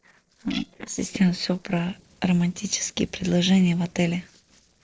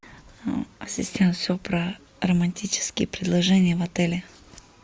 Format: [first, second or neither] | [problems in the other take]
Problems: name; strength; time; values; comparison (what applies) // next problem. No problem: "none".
second | noise reduction (neural separator model SepFormer DNS4)